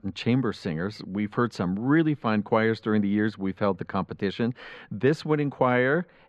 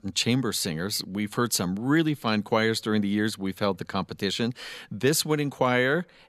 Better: second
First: muffled; very; fading above 2 kHz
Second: none

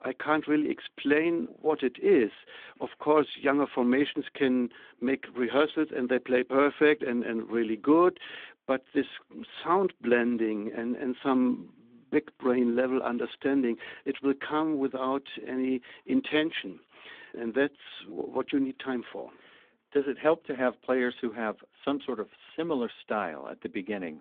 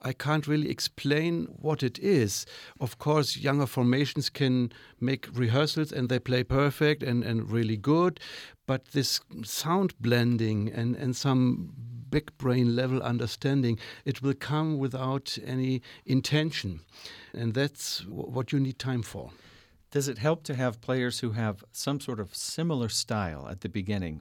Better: second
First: phone-call audio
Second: none

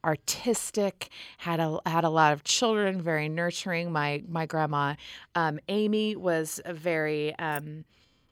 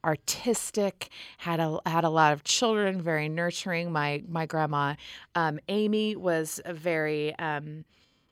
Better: second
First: jangling keys; faint; at 7.5 s; peak 15 dB below the speech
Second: none

